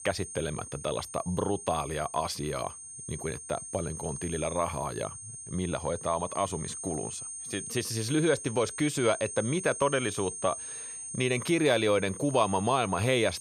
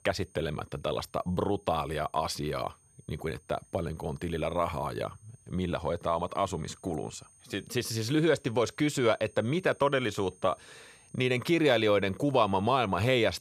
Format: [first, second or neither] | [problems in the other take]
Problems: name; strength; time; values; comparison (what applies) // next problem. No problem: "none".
second | high-pitched whine; loud; throughout; 8.5 kHz, 8 dB below the speech; faint in the second